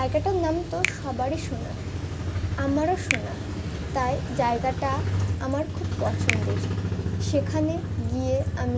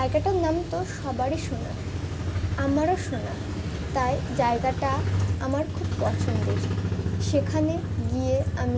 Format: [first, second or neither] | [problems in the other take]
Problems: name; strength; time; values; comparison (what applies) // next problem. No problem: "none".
second | background sound (Finger snapping); 12 dB below the speech